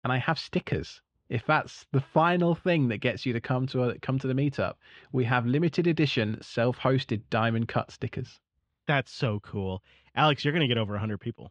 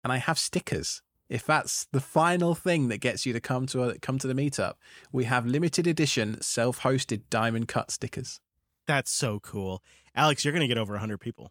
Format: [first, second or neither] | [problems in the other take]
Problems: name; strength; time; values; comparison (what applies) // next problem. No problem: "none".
second | muffled; slightly; fading above 3.5 kHz